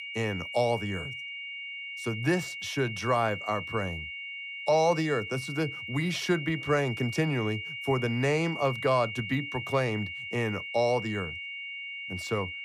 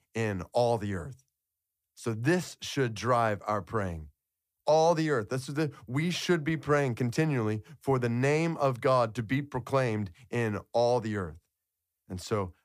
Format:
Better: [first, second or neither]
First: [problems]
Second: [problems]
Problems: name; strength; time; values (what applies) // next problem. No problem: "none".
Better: second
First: high-pitched whine; loud; throughout; 2 kHz, 7 dB below the speech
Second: none